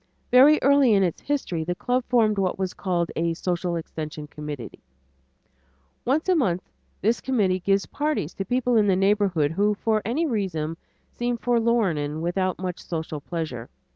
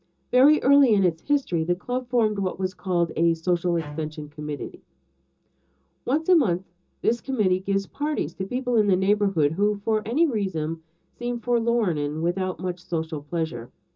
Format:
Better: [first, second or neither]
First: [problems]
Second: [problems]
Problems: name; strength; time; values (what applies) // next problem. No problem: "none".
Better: first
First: none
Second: background sound (Bowed string instrument); 17 dB below the speech // room echo; dies away in 0.2 s